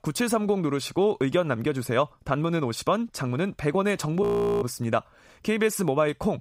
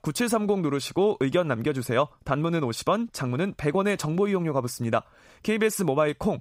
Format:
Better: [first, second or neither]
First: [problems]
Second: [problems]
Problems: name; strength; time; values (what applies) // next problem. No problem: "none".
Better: second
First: audio freezing; at 4 s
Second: none